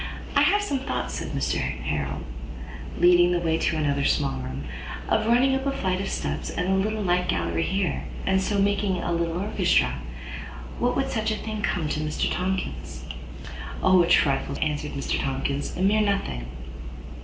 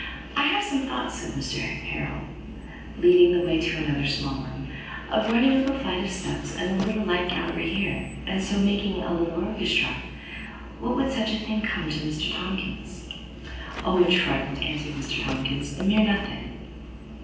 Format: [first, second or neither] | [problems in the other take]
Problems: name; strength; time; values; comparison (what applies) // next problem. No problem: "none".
first | background sound (Squeak); 16 dB below the speech // room echo; dies away in 0.9 s